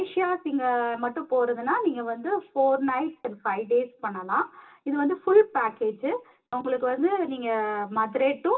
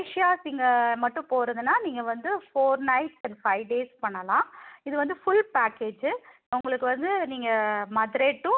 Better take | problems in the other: second | room echo; dies away in 0.2 s

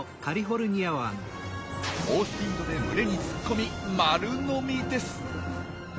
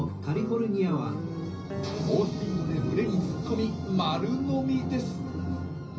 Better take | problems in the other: first | background sound (Guitar); 11 dB below the speech // room echo; dies away in 0.5 s

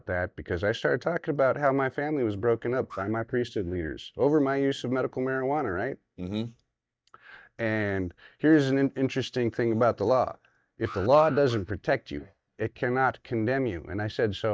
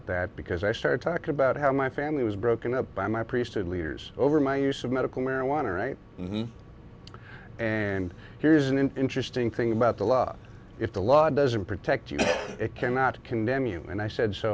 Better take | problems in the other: second | noise reduction (neural mask model DeepFilterNet 3)

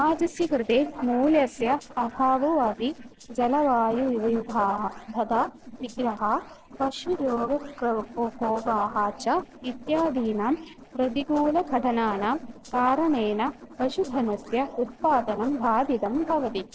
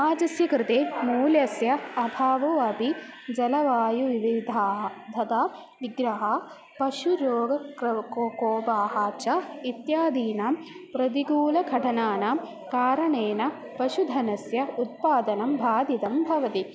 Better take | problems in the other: second | noise reduction (neural separator model SepFormer DNS4)

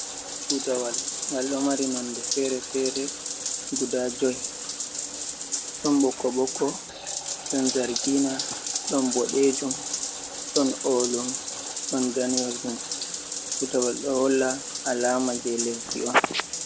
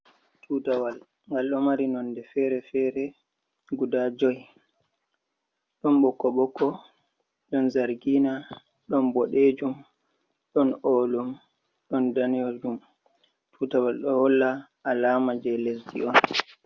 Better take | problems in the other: second | background sound (Bathtub (filling or washing)); 4 dB below the speech

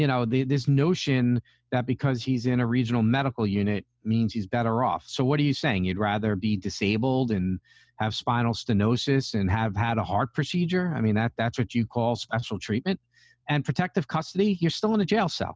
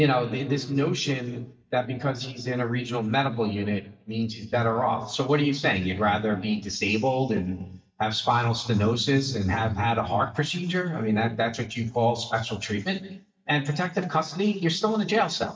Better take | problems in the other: first | noise reduction (neural mask model DeepFilterNet 3)

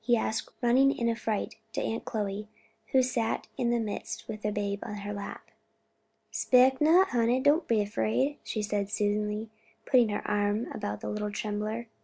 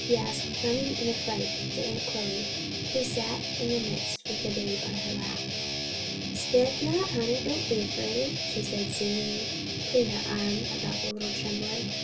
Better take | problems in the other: first | background sound (Guitar); as loud as the speech // room echo; dies away in 0.2 s

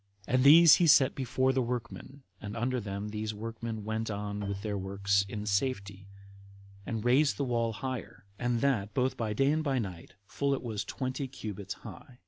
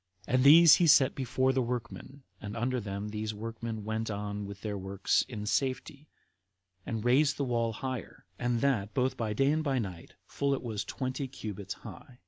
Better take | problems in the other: second | background sound (Keyboard (musical)); 18 dB below the speech

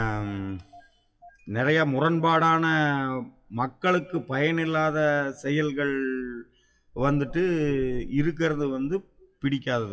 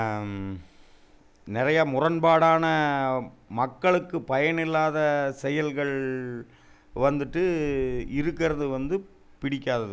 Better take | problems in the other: second | noise reduction (classical method WPE with log-MMSE)

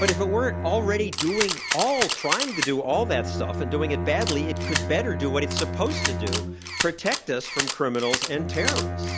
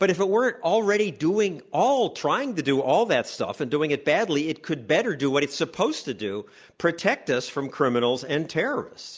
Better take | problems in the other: second | background sound (Camera + Bowed string instrument); 1 dB below the speech

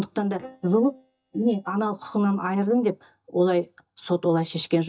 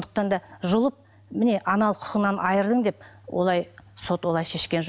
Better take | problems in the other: second | noise reduction (neural mask model DeepFilterNet 3)

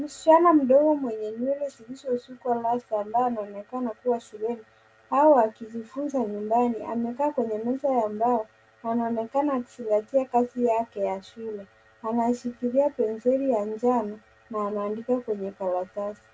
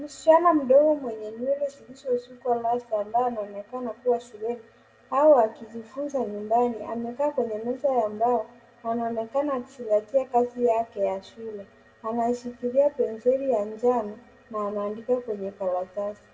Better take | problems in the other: first | room echo; dies away in 0.7 s

